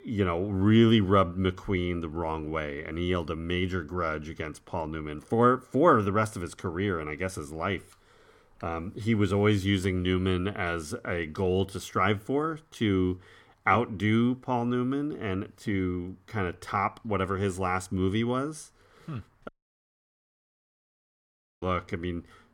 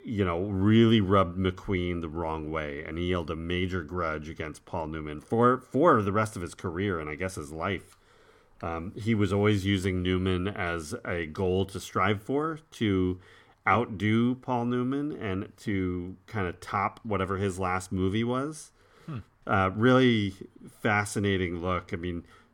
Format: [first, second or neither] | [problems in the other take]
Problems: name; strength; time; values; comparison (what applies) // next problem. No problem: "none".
second | audio cutting out; at 19 s for 2 s